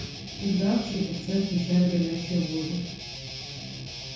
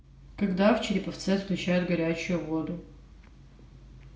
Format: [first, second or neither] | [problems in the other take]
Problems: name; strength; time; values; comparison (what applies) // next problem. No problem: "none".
second | background sound (Guitar); 10 dB below the speech // room echo; dies away in 0.6 s